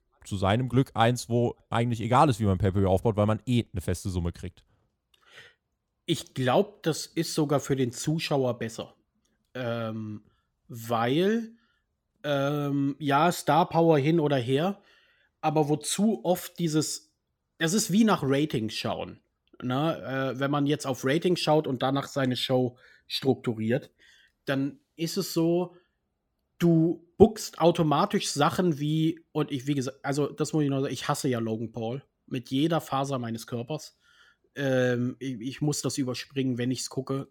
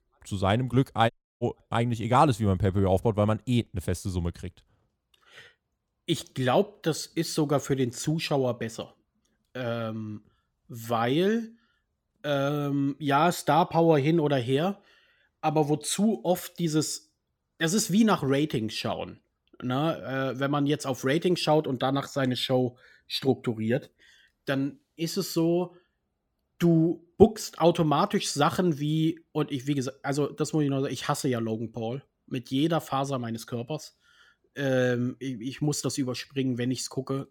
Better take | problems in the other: first | audio cutting out; at 1 s

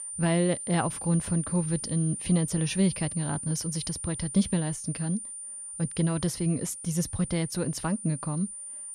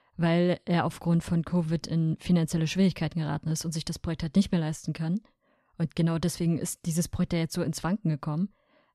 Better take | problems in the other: second | high-pitched whine; loud; throughout; 9 kHz, 7 dB below the speech

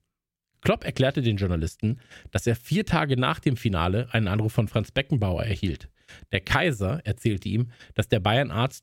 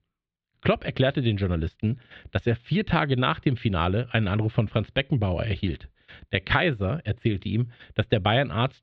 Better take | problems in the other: first | muffled; slightly; fading above 4 kHz

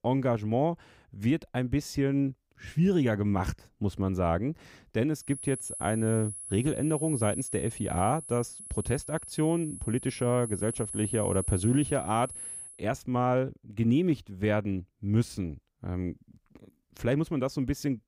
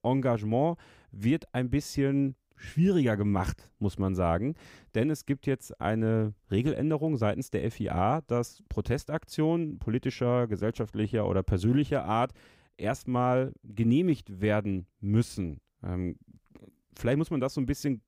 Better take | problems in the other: second | high-pitched whine; loud; from 5.5 to 13 s; 10.5 kHz, 8 dB below the speech

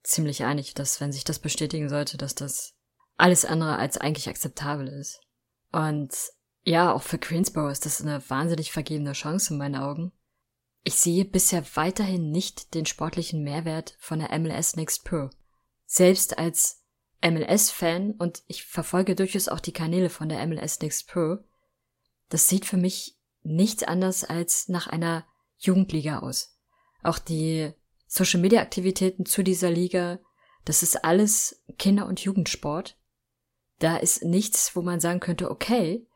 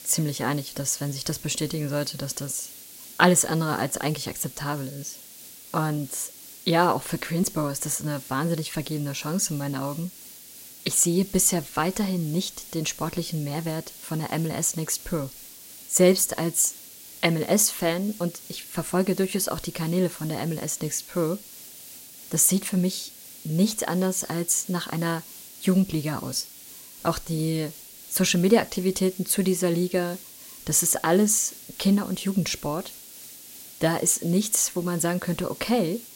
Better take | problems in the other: first | hiss; noticeable; throughout; 15 dB below the speech

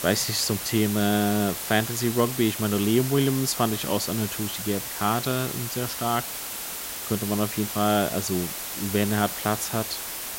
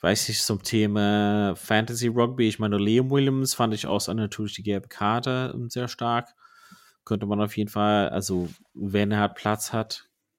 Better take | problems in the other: second | hiss; loud; throughout; 5 dB below the speech

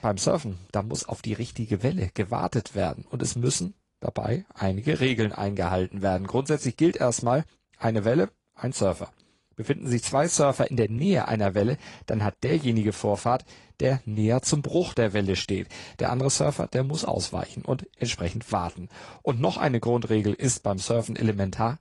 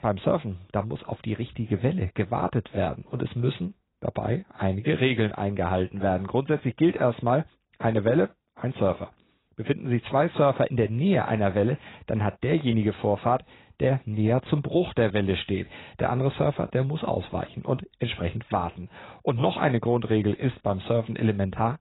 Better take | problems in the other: first | garbled, watery; badly; nothing above 4 kHz; slightly in the first

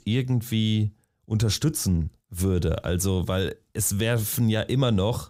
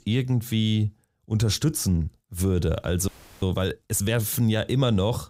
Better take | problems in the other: first | audio freezing; at 3 s

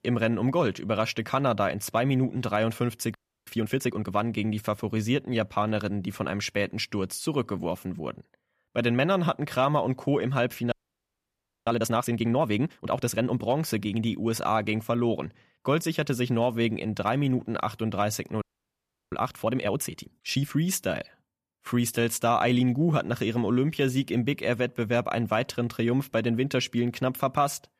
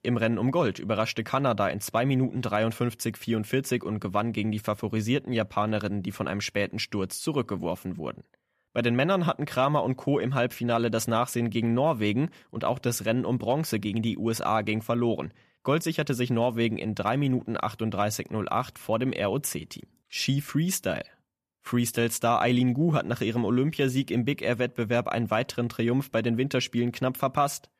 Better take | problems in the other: second | audio freezing; at 3 s, at 11 s for 1 s and at 18 s for 0.5 s

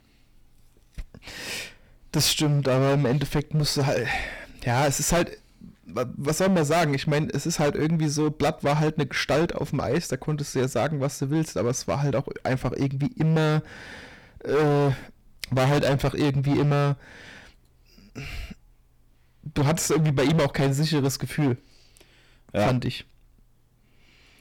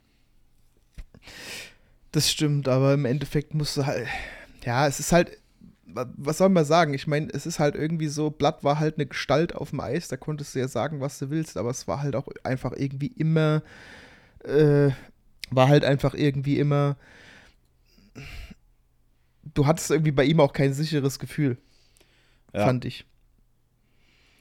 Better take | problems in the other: second | distortion; heavy; 13% of the sound clipped

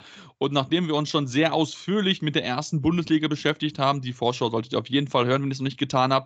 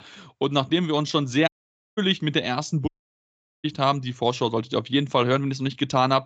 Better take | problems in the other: first | audio cutting out; at 1.5 s and at 3 s for 1 s

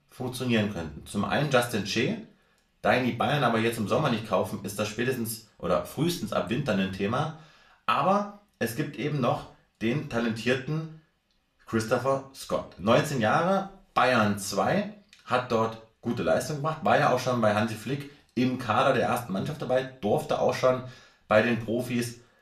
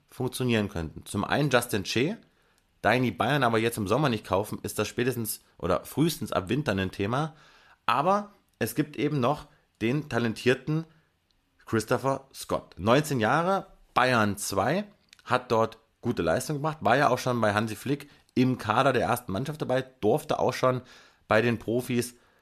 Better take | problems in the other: second | room echo; very slight; dies away in 0.3 s // off-mic speech; somewhat distant

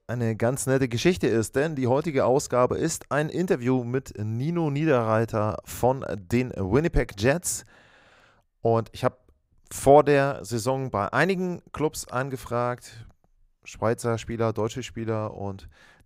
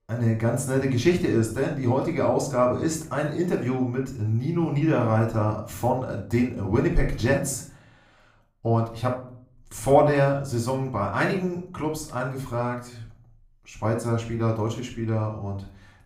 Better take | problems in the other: first | off-mic speech; far // room echo; slight; dies away in 0.4 s

